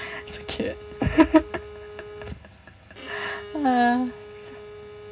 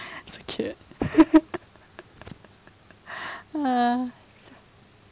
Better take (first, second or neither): second